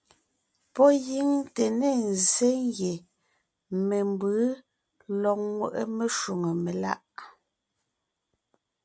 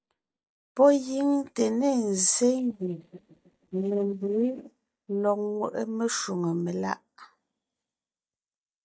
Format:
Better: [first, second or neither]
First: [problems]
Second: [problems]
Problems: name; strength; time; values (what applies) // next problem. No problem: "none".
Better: first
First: none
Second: noise reduction (neural mask model DeepFilterNet 3)